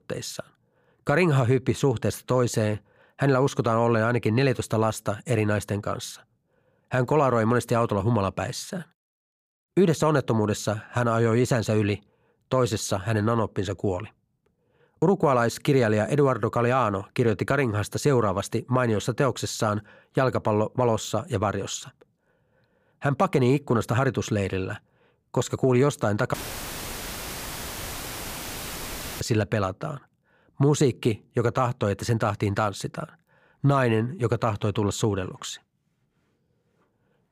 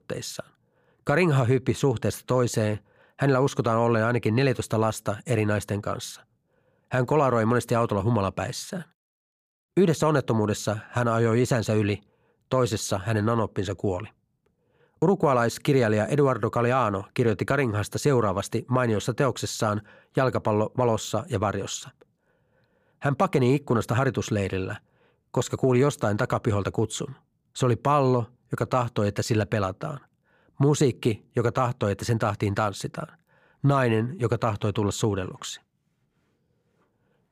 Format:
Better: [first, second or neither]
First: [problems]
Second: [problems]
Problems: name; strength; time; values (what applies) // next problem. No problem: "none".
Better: second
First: audio cutting out; filled with static; at 26 s for 3 s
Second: none